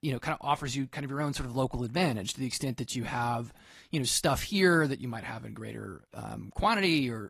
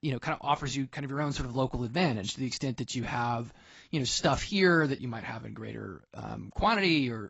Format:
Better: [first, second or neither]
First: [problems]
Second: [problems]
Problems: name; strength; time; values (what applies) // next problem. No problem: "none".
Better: first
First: garbled, watery; slightly; nothing above 14.5 kHz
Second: garbled, watery; badly; nothing above 7.5 kHz